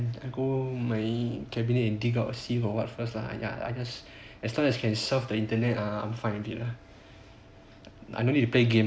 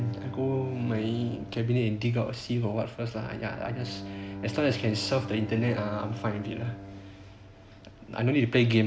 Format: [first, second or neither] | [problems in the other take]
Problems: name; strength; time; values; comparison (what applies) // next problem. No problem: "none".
first | background sound (Bowed string instrument); 13 dB below the speech